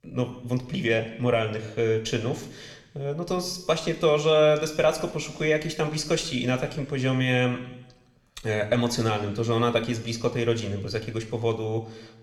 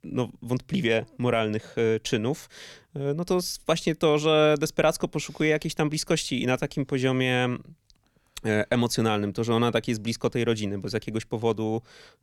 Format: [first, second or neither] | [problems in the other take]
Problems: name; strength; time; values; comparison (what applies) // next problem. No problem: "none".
second | room echo; slight; dies away in 0.9 s